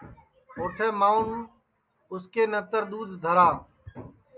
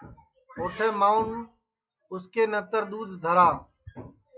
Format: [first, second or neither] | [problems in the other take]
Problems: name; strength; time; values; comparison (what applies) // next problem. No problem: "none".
first | noise reduction (classical method log-MMSE)